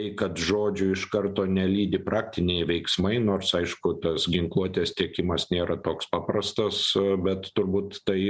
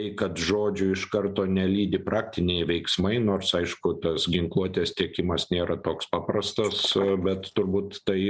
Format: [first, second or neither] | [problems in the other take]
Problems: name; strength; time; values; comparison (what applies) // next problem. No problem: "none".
first | noise reduction (neural mask model Resemble Enhance denoiser)